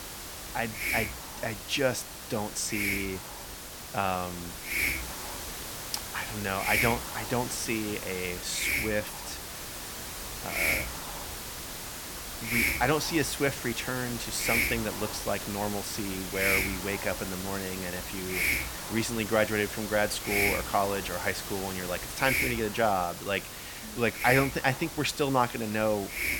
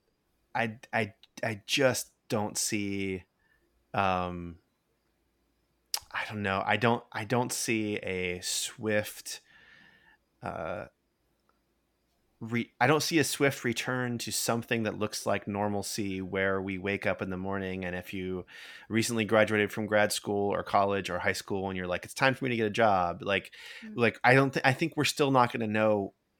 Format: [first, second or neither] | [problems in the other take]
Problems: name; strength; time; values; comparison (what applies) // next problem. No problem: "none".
second | hiss; loud; throughout; 2 dB below the speech